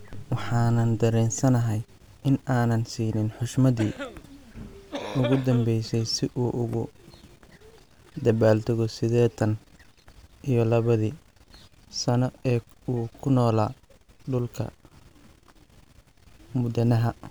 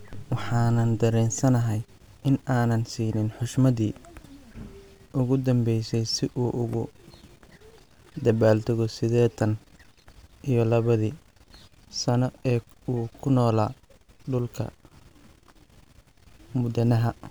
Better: second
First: background sound (Cough); 12 dB below the speech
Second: none

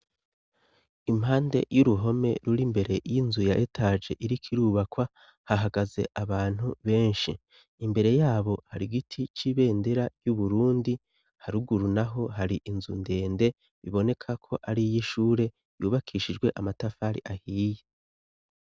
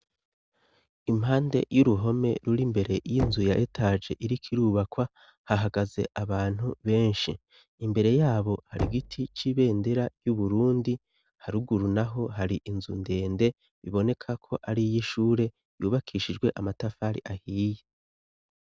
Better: first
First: none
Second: background sound (Knock); 13 dB below the speech

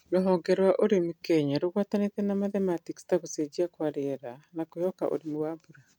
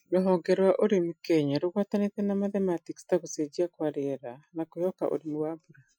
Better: first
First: none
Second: noise reduction (classical method Wiener filter)

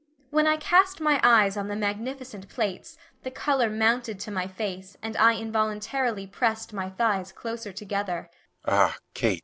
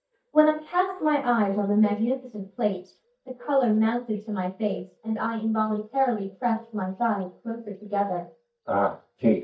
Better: first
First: none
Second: noise reduction (neural mask model DeepFilterNet 3)

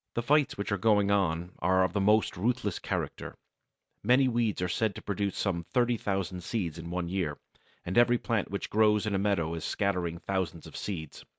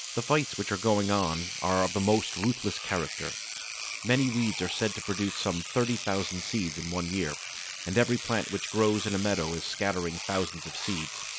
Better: first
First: none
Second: background sound (Engine / Domestic sounds, home sounds); 8 dB below the speech

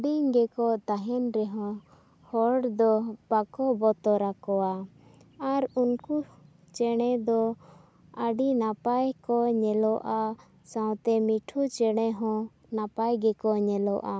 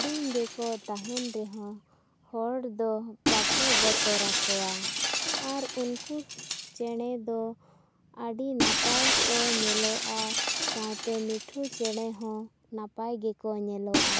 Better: first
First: none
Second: background sound (Shatter); 3 dB above the speech

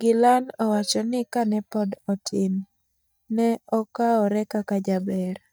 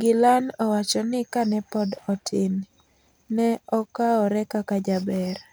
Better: second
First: noise reduction (neural mask model DeepFilterNet 3)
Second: none

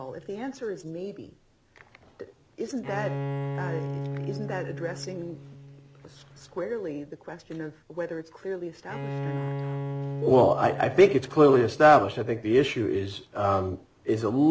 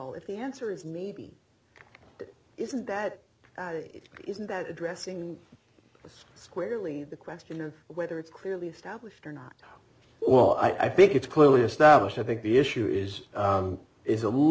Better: second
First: background sound (Bowed string instrument); 11 dB below the speech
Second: none

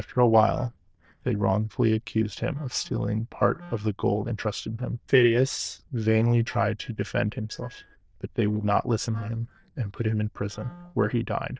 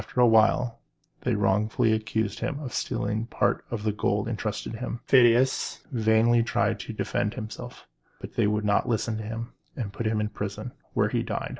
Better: second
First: noise reduction (neural diffusion model UNIVERSE++)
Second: none

